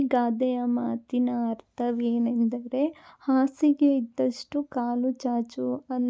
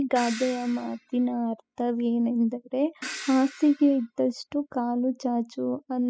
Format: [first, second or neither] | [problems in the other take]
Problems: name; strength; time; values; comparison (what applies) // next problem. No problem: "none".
first | noise reduction (classical method spectral subtraction)